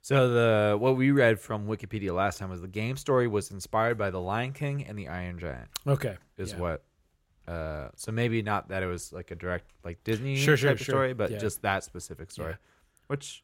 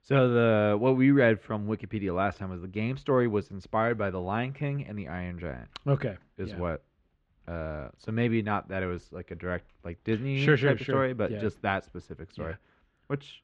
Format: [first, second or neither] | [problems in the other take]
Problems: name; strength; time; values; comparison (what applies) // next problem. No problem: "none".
first | muffled; slightly; fading above 3.5 kHz